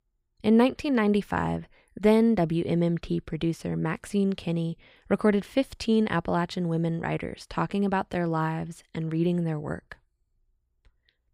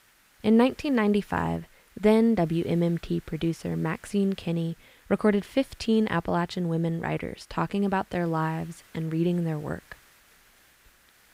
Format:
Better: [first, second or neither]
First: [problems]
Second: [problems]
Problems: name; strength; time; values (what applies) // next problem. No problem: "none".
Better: first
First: none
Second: hiss; faint; throughout; 30 dB below the speech